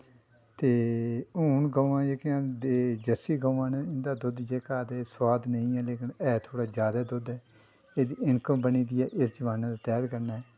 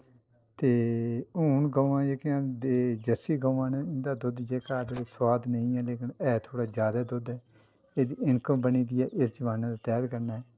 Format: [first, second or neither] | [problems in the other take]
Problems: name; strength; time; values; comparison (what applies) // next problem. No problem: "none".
first | noise reduction (neural separator model SepFormer DNS4)